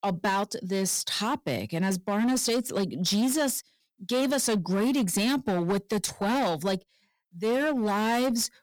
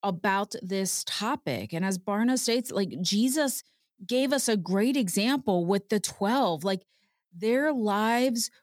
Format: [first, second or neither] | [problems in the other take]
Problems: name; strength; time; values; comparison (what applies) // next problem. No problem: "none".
second | distortion; slight; 15% of the sound clipped